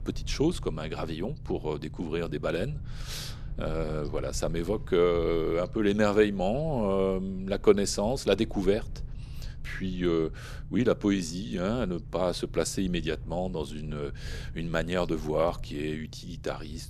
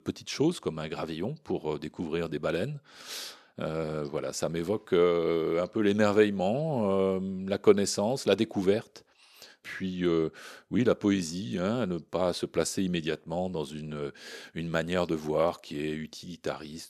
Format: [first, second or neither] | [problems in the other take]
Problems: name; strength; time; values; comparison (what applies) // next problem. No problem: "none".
second | low rumble; faint; throughout; 25 dB below the speech